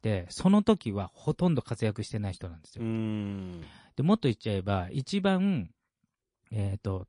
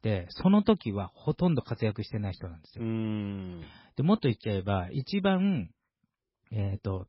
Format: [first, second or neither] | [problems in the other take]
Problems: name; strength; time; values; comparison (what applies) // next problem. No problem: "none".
first | garbled, watery; badly; nothing above 5.5 kHz; slightly in the first